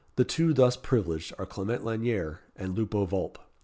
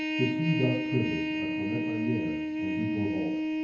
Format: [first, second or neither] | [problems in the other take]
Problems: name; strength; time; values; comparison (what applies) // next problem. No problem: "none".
first | background sound (Trumpet); 2 dB above the speech // room echo; dies away in 0.9 s